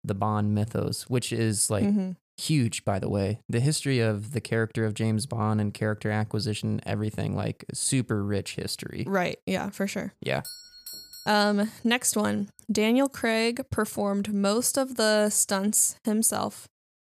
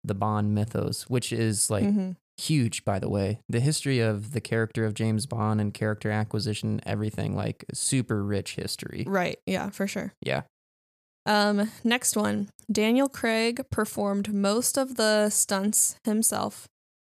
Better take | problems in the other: second | doorbell; faint; from 10 to 11 s; peak 15 dB below the speech

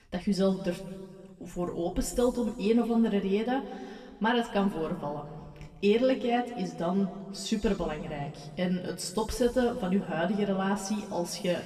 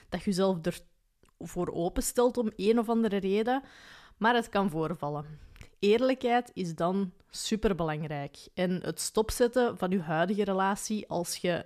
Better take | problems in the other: second | room echo; slight; dies away in 1.8 s // off-mic speech; somewhat distant

